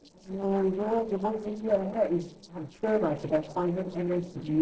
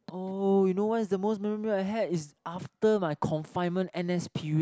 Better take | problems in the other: second | noise reduction (neural separator model SepFormer DNS4)

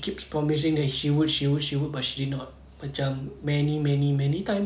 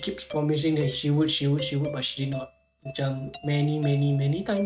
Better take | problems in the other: first | noise reduction (neural mask model RNNoise)

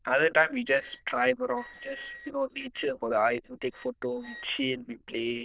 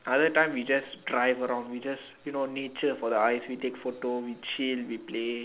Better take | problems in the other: second | noise reduction (neural diffusion model UNIVERSE++)

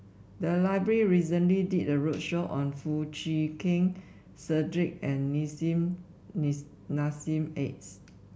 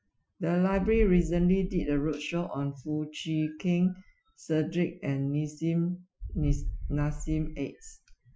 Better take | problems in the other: first | noise reduction (classical method Wiener filter)

